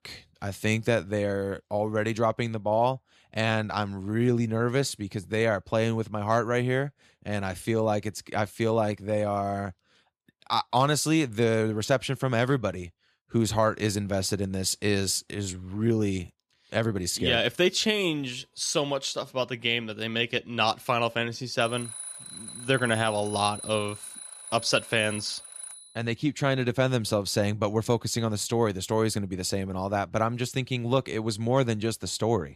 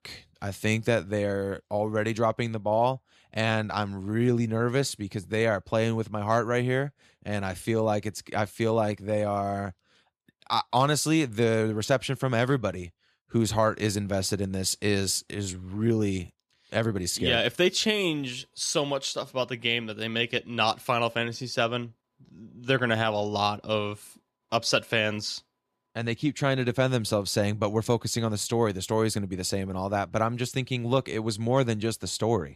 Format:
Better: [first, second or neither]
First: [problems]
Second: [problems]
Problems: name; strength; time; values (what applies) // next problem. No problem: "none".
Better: second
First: alarm; noticeable; from 22 to 26 s; peak 9 dB below the speech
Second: none